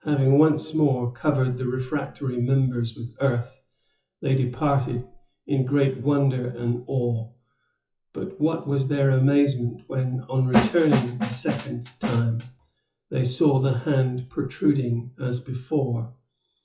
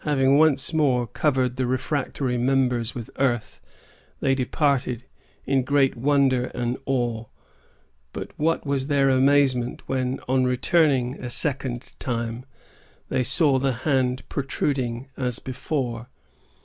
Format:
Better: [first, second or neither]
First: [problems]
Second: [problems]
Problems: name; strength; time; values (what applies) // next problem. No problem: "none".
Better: second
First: noise reduction (classical method WPE with log-MMSE)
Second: none